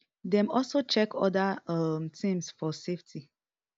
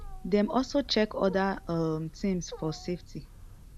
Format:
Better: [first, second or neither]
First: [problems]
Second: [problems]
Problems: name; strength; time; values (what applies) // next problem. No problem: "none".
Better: first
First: none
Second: background sound (Wild animals); 15 dB below the speech